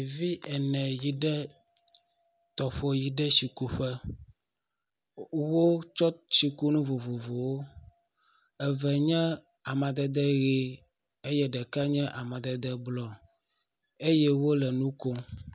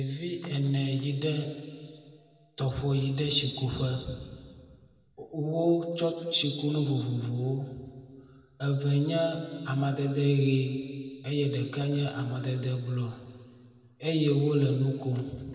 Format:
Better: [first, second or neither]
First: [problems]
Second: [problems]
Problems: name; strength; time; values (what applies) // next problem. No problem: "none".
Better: first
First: none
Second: room echo; dies away in 2.1 s